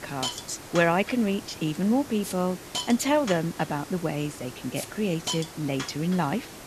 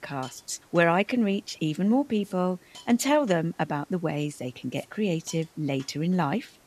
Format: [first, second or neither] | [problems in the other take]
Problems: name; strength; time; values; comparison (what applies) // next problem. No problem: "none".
second | hiss; loud; throughout; 9 dB below the speech; faint in the second